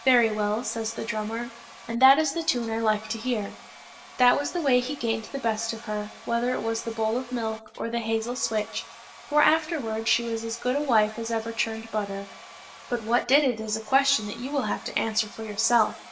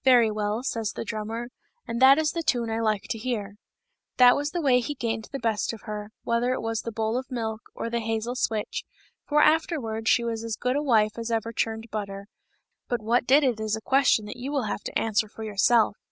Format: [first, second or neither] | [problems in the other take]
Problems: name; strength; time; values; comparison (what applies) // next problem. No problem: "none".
second | background sound (Domestic sounds, home sounds); 19 dB below the speech // room echo; dies away in 0.8 s